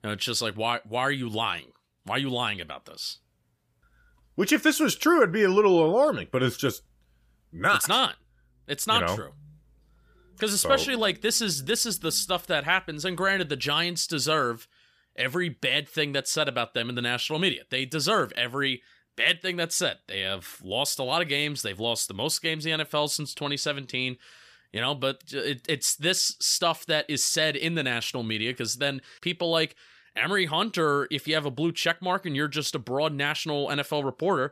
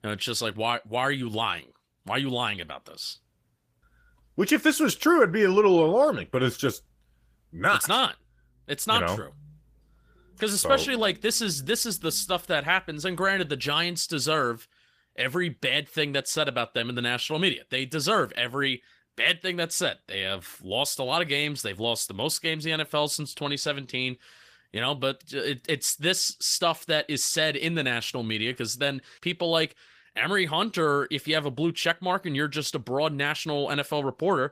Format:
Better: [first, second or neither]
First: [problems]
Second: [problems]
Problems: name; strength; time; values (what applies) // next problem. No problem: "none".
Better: first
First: none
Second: garbled, watery; slightly; nothing above 15 kHz